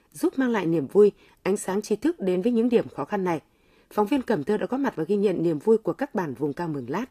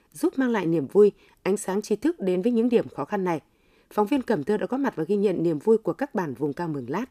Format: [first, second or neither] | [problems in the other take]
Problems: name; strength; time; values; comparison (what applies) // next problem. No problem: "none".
second | garbled, watery; slightly; nothing above 14.5 kHz